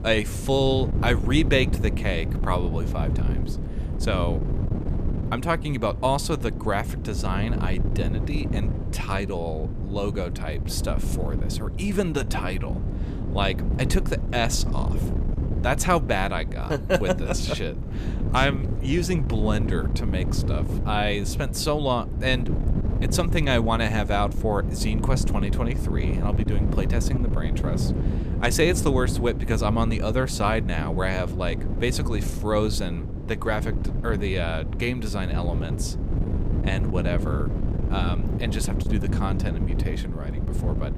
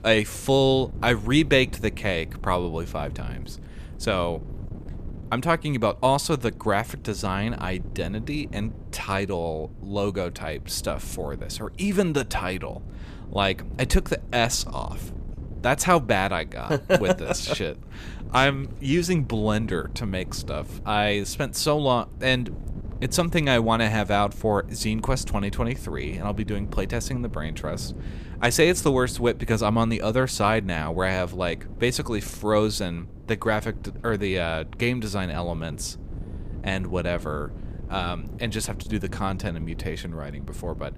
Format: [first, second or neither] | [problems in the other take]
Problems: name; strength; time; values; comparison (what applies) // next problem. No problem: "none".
second | wind noise on the microphone; heavy; 10 dB below the speech; occasional gusts in the second